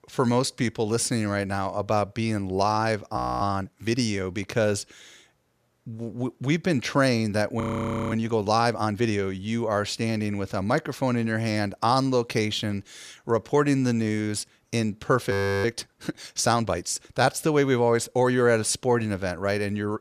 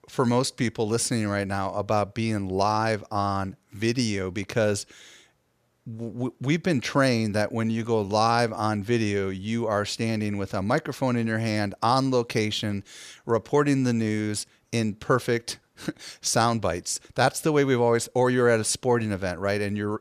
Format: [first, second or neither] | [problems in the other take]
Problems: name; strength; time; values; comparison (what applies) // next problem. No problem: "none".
second | audio freezing; at 3 s, at 7.5 s for 0.5 s and at 15 s